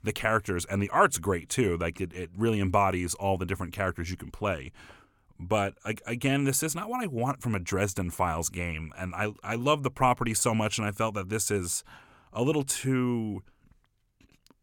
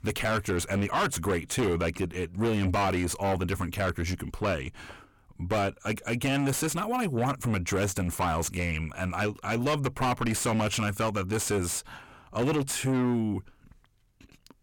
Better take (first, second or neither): first